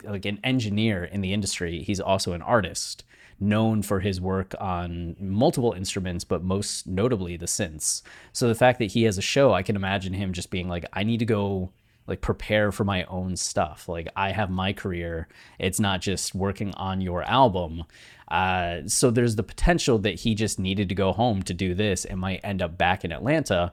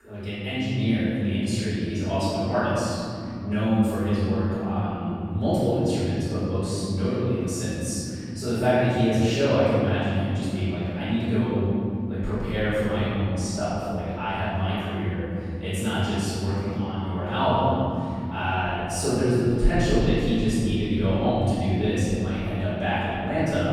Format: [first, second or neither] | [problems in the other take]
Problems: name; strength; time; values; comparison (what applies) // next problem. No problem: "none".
first | off-mic speech; far // room echo; strong; dies away in 3 s